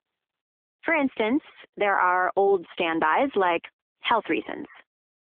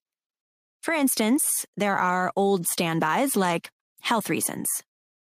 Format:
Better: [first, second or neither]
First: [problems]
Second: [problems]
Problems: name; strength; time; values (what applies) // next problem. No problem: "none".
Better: second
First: phone-call audio; nothing above 3.5 kHz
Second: none